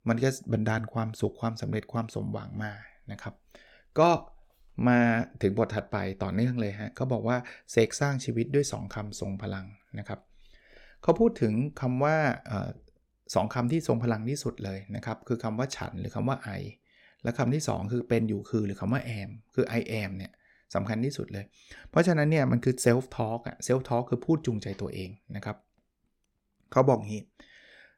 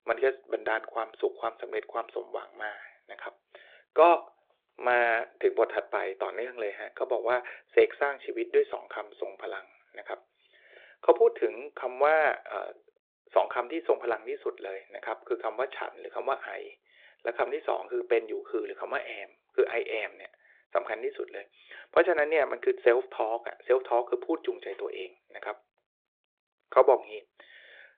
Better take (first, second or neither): first